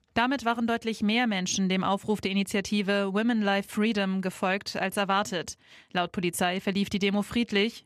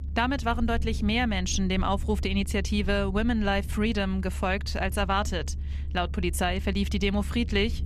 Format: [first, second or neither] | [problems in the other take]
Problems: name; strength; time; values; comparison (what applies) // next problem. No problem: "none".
first | low rumble; faint; throughout; 20 dB below the speech